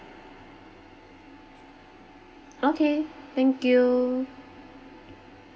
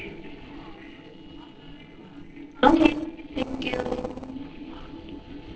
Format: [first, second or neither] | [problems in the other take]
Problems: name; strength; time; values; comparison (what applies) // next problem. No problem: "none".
first | noise reduction (neural separator model SepFormer DNS4)